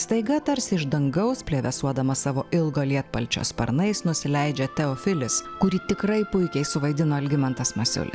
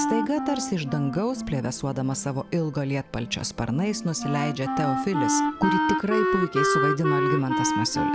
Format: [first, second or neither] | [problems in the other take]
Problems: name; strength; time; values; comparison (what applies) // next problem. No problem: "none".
first | background sound (Wind instrument, woodwind instrument); as loud as the speech